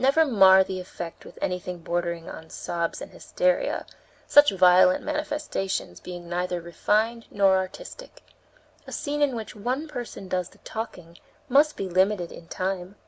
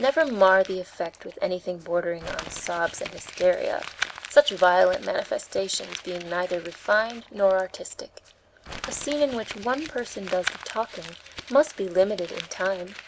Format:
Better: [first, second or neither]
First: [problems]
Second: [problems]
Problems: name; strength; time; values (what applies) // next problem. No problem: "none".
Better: first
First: none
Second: background sound (Crumpling, crinkling); 15 dB below the speech